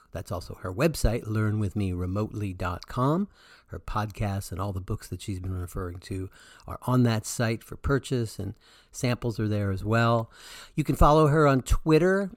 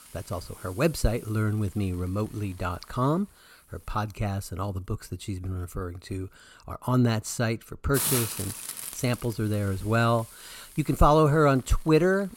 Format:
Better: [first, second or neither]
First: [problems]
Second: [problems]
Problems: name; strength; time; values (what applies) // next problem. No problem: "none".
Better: first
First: none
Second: hiss; loud; throughout; 7 dB below the speech